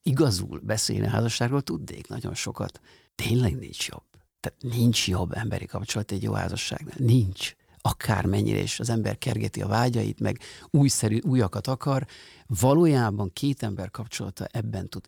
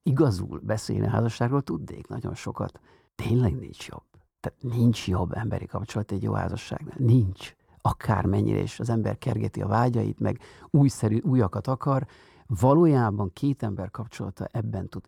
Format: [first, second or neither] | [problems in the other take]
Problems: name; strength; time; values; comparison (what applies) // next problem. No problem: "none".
first | muffled; slightly; fading above 2 kHz